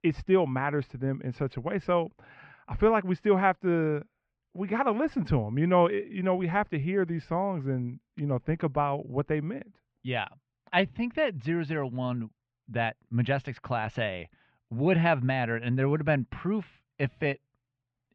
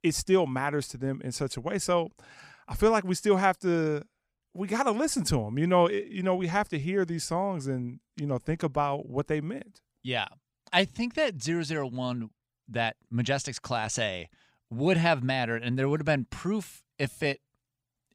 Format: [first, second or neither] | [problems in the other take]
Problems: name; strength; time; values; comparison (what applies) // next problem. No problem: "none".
second | muffled; very; fading above 3 kHz